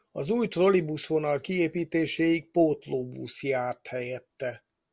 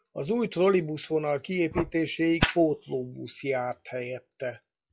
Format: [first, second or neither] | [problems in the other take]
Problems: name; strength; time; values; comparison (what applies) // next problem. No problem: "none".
first | noise reduction (classical method log-MMSE)